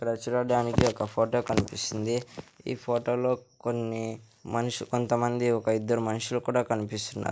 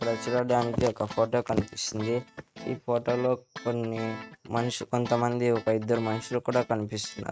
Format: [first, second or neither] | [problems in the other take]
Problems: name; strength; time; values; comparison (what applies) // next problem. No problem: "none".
first | noise reduction (neural mask model RNNoise)